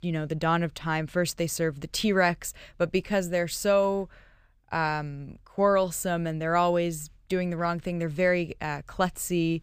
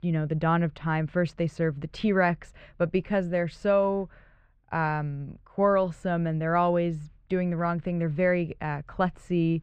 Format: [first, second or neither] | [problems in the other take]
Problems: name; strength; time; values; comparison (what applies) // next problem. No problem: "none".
first | muffled; very; fading above 2 kHz